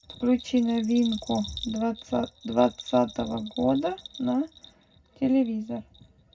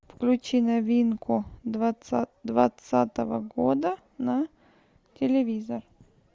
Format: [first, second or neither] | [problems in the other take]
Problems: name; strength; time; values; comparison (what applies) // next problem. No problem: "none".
second | background sound (Bell); 18 dB below the speech // room echo; dies away in 0.3 s